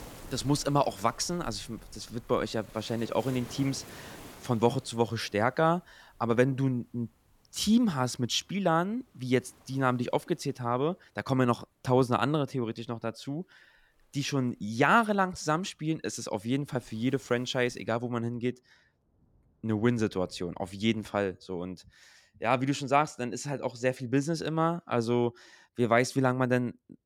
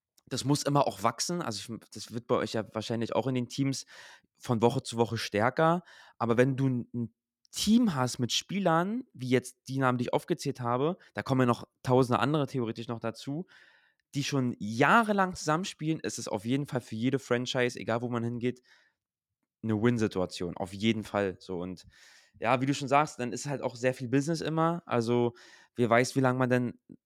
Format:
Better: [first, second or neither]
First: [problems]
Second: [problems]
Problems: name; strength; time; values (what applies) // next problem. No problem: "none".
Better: second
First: rain or running water; faint; throughout; 20 dB below the speech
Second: none